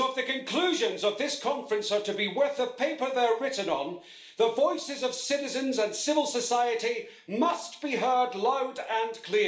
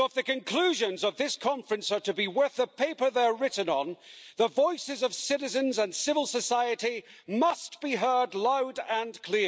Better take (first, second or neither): second